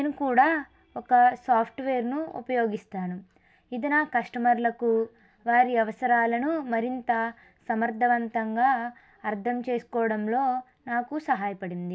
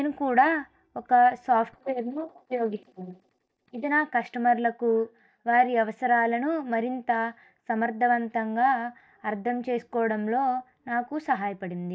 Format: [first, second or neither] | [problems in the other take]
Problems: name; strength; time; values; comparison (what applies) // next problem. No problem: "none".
first | noise reduction (neural mask model DeepFilterNet 3)